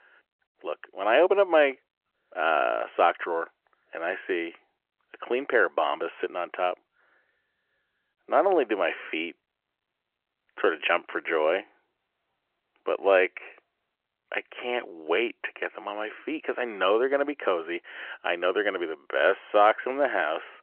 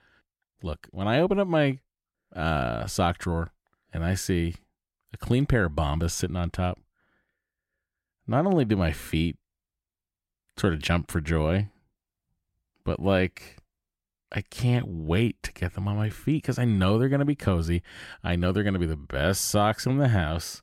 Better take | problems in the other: second | phone-call audio

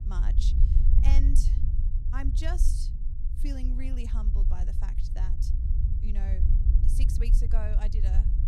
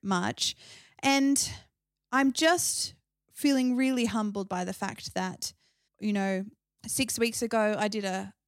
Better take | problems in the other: second | low rumble; loud; throughout; 4 dB below the speech

